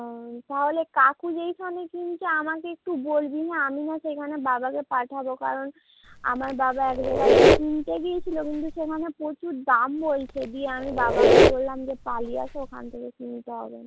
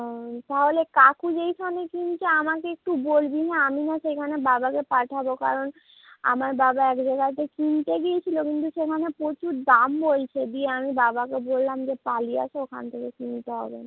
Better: second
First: background sound (Squeak); 4 dB above the speech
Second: none

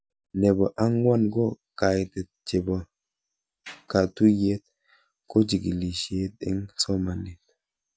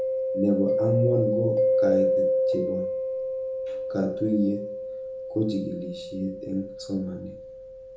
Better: first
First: none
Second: background sound (Mallet percussion); 2 dB above the speech // room echo; dies away in 1 s

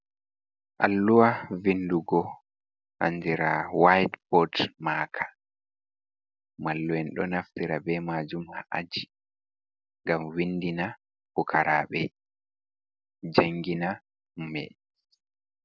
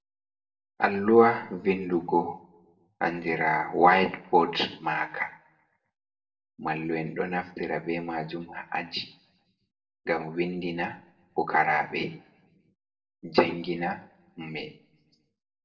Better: first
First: none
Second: room echo; dies away in 0.5 s

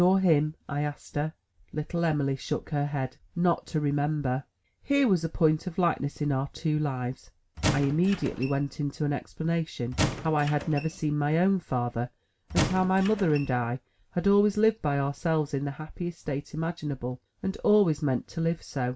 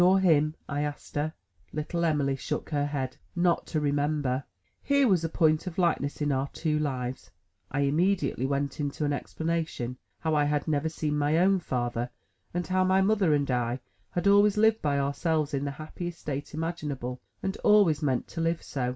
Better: second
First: background sound (Squeak / Wood); 6 dB below the speech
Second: none

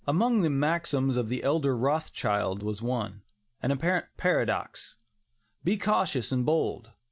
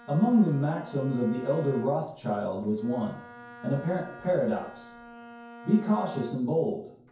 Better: first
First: none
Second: background sound (Bowed string instrument); 18 dB below the speech // room echo; dies away in 0.6 s

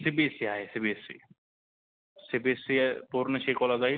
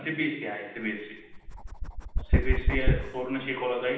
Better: first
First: none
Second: background sound (Dog); 5 dB above the speech // room echo; dies away in 0.9 s

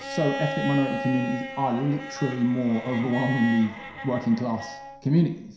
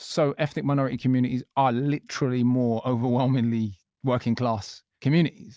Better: second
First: background sound (Bowed string instrument); 9 dB below the speech // room echo; dies away in 0.7 s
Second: none

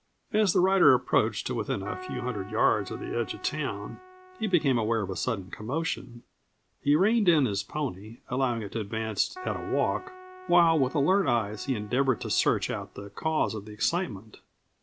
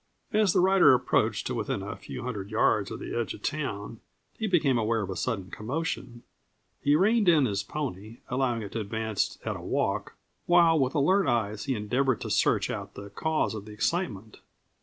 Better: second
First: background sound (Keyboard (musical)); 17 dB below the speech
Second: none

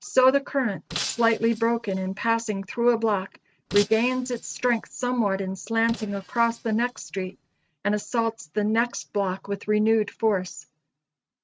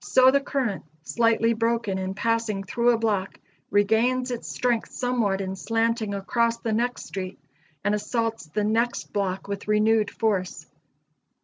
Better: second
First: noise reduction (neural mask model RNNoise)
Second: none

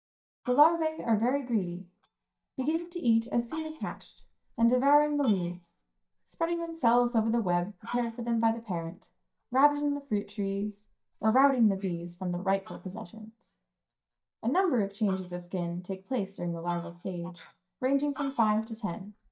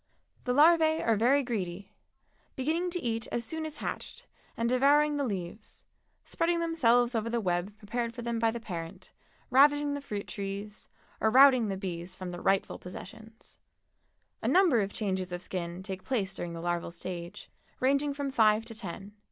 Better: second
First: noise reduction (neural mask model DeepFilterNet 3)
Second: none

